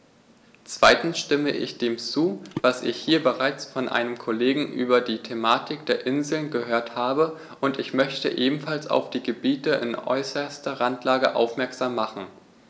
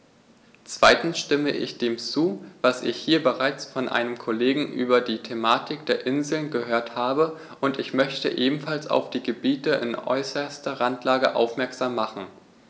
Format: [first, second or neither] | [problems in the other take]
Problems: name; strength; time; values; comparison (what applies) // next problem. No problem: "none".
second | background sound (Water / Splash, splatter); 16 dB below the speech